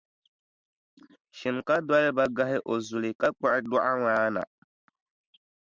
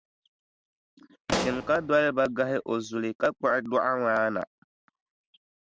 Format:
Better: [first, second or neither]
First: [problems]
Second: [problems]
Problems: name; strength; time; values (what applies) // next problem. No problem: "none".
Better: first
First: none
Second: background sound (Explosion); 6 dB below the speech